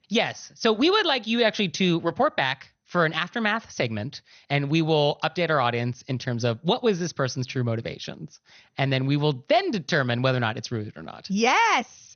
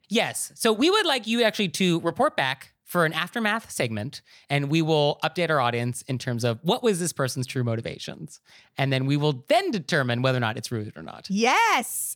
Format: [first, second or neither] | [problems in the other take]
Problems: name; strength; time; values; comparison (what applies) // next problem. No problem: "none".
second | garbled, watery; slightly; nothing above 6.5 kHz